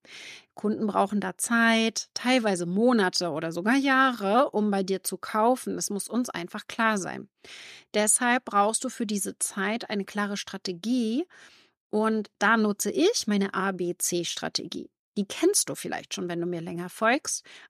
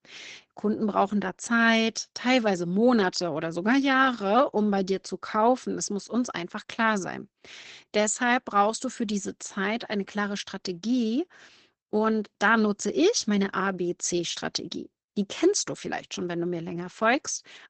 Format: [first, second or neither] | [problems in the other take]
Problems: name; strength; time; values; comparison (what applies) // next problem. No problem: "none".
first | garbled, watery; badly; nothing above 8 kHz